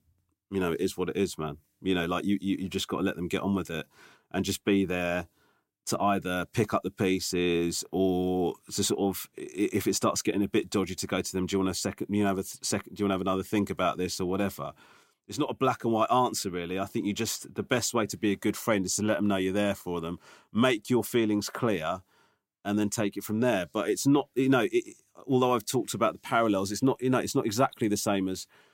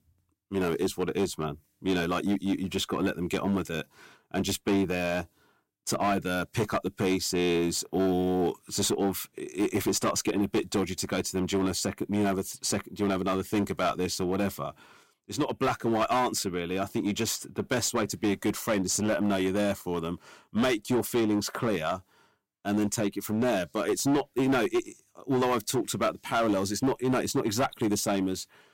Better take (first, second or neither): first